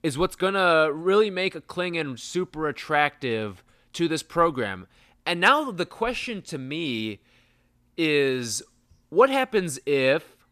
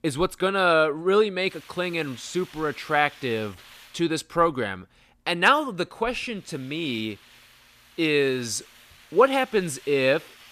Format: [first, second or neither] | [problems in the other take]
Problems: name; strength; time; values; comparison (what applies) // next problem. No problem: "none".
first | hiss; faint; from 1.5 to 4 s and from 6.5 s on; 25 dB below the speech